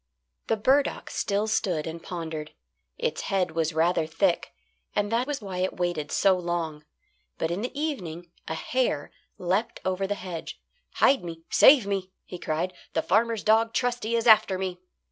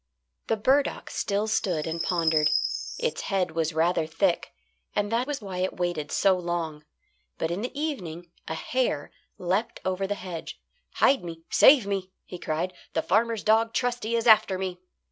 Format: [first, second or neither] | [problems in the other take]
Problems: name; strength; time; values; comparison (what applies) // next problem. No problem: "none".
first | background sound (Chirp, tweet); 4 dB below the speech